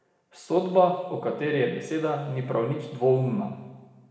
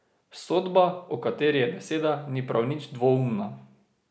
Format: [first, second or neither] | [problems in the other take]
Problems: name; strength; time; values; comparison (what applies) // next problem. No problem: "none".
second | room echo; dies away in 1.5 s